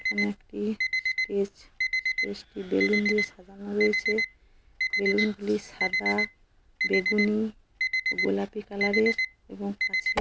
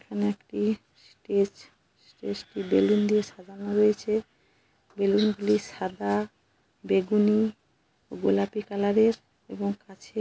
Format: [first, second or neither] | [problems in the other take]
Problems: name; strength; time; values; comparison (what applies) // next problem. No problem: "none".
second | background sound (Alarm); as loud as the speech